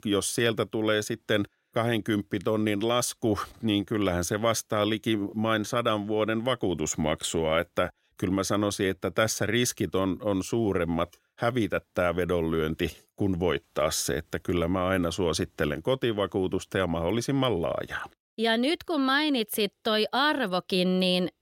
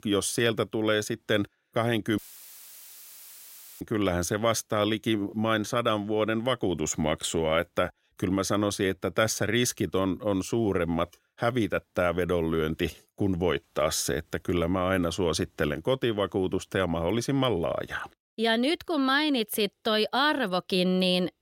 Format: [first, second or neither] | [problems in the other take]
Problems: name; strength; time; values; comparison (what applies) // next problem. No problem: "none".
first | audio cutting out; filled with static; at 2 s for 1.5 s